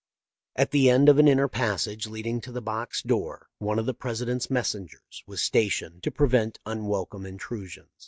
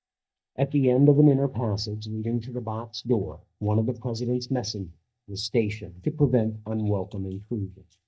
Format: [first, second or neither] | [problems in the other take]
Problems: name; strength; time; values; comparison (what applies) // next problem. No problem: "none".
first | noise reduction (neural mask model DeepFilterNet 3)